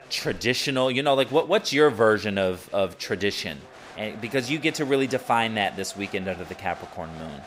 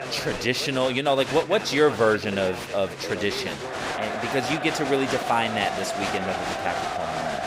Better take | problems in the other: first | crowd noise; loud; throughout; 5 dB below the speech; faint in the first

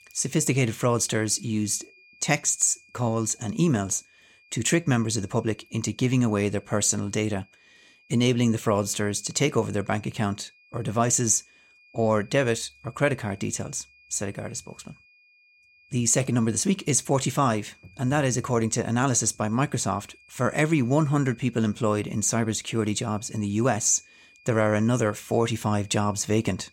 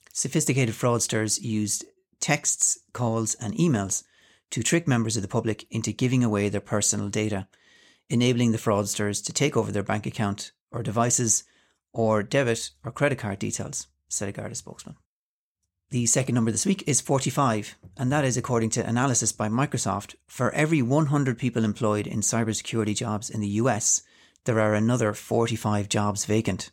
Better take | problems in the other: second | high-pitched whine; faint; throughout; 2.5 kHz, 30 dB below the speech

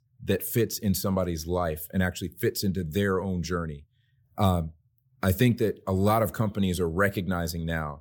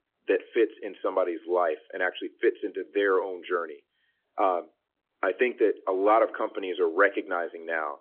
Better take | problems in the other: first | phone-call audio

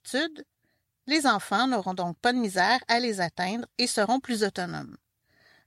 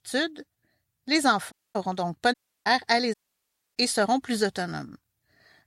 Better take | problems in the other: first | audio cutting out; at 1.5 s, at 2.5 s and at 3 s for 0.5 s

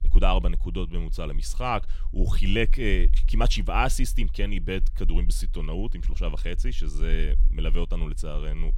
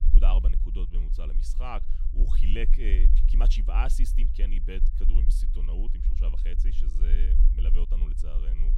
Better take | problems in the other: first | low rumble; loud; throughout; 9 dB below the speech; faint in the first

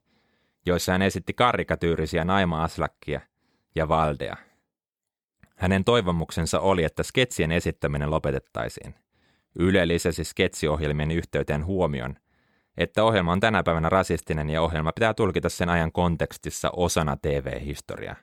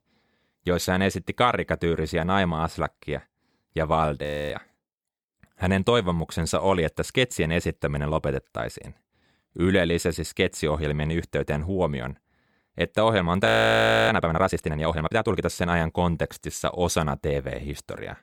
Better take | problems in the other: first | audio freezing; at 4 s and at 13 s for 0.5 s

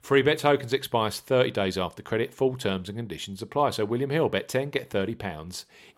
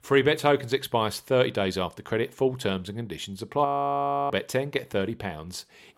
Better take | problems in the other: first | audio freezing; at 3.5 s for 0.5 s

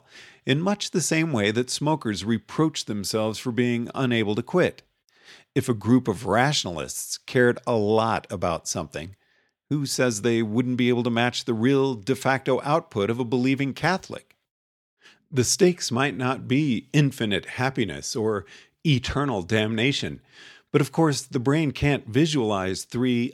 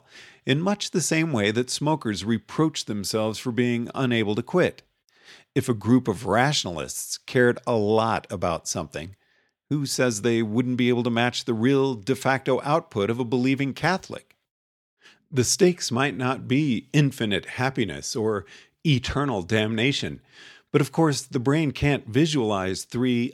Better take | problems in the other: neither | none

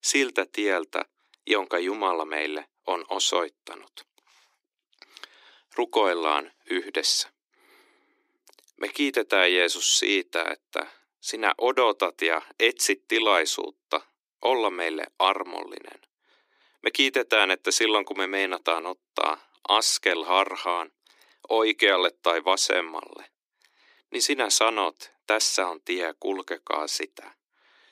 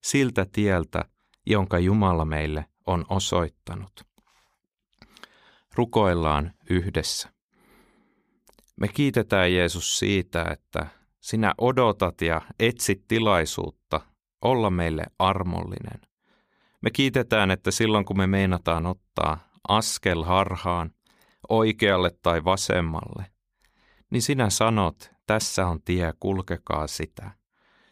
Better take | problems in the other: second | thin; somewhat; fading below 300 Hz

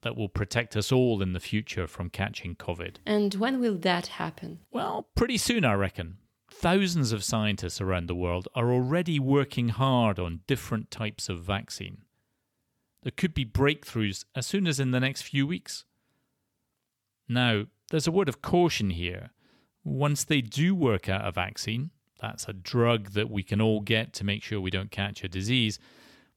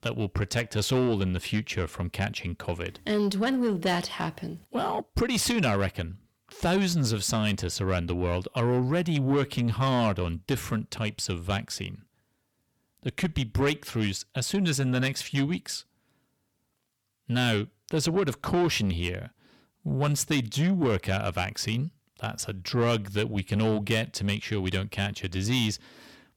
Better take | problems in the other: first | distortion; slight; 10 dB below the speech

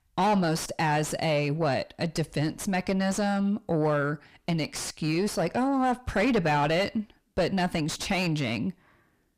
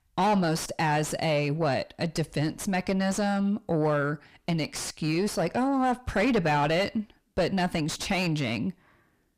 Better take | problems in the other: neither | distortion; heavy; 7 dB below the speech; the same in both

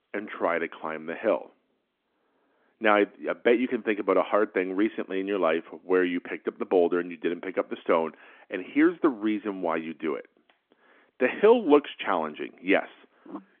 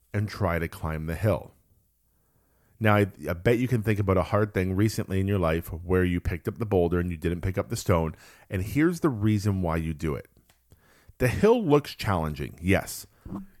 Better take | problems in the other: second | phone-call audio

